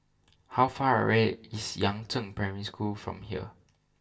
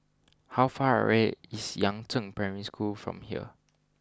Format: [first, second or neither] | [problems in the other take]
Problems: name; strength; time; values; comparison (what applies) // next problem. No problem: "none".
second | room echo; dies away in 0.2 s